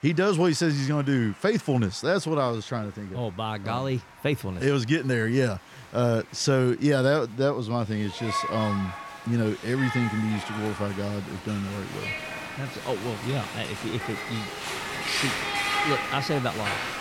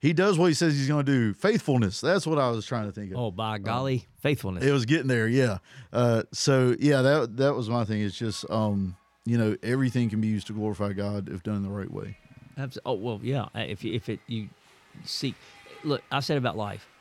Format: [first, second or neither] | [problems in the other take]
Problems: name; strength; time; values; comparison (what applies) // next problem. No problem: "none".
second | crowd noise; loud; throughout; 4 dB below the speech; faint in the second